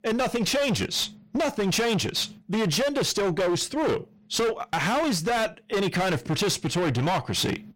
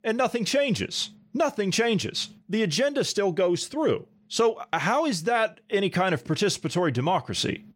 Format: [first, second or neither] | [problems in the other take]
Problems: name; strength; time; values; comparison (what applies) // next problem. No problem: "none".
second | distortion; heavy; 27% of the sound clipped